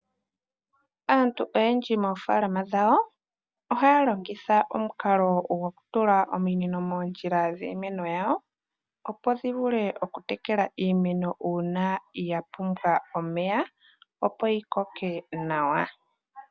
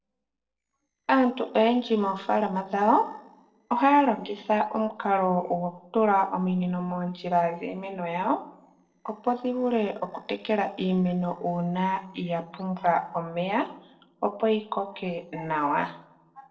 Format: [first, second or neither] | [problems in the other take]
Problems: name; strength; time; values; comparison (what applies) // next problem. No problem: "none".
first | noise reduction (neural separator model SepFormer DNS4)